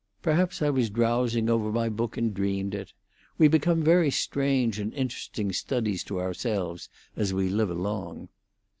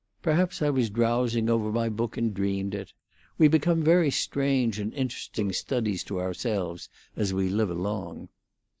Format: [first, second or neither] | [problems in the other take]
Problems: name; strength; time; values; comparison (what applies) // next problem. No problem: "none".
first | noise reduction (neural mask model Resemble Enhance denoiser)